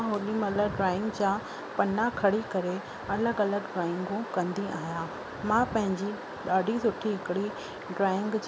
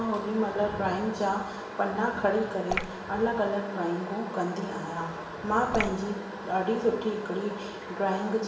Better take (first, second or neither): first